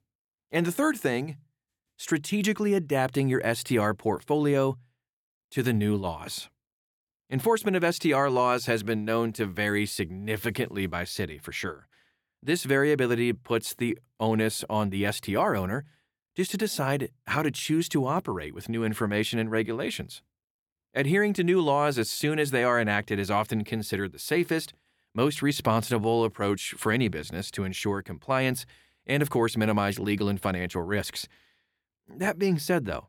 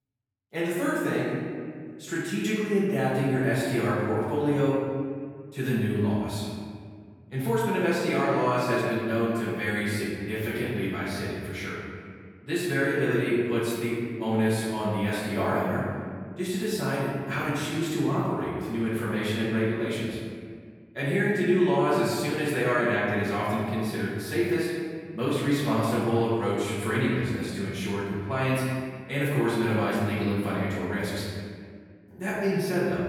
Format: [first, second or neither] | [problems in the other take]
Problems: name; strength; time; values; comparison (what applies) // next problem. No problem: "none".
first | off-mic speech; far // room echo; strong; dies away in 1.9 s